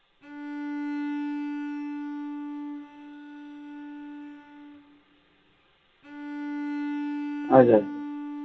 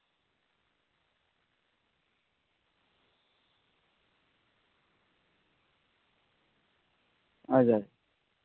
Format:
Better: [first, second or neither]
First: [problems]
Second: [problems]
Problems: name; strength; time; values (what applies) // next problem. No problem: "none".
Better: second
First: background sound (Bowed string instrument); 5 dB below the speech // room echo; dies away in 0.2 s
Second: none